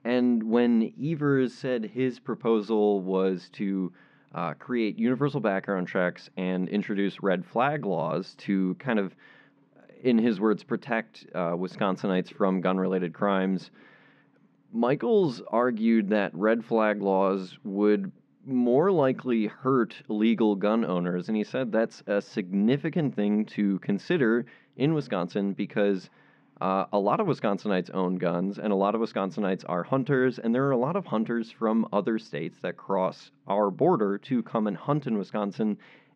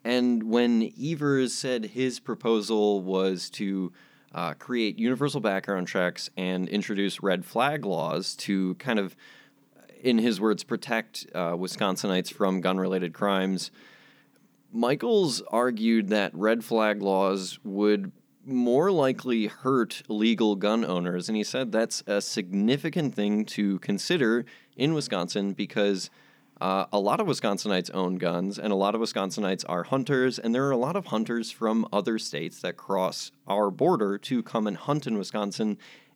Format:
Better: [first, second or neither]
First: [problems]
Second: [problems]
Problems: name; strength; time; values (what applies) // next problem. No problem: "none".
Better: second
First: muffled; slightly; fading above 2 kHz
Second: none